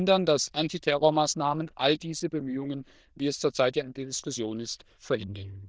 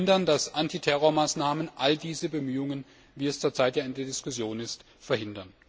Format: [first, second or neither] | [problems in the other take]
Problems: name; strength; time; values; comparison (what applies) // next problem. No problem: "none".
second | noise reduction (neural diffusion model UNIVERSE++)